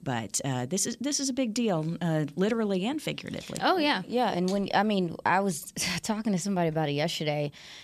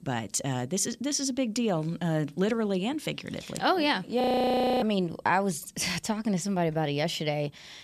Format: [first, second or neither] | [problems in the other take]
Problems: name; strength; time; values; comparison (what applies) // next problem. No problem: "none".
first | audio freezing; at 4 s for 0.5 s